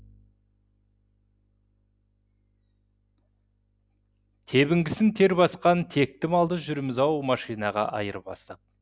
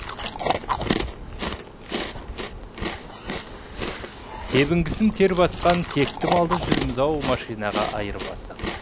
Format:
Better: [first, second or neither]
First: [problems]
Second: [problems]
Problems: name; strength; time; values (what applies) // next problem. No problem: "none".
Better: first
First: none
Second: background sound (Chewing, mastication); 4 dB below the speech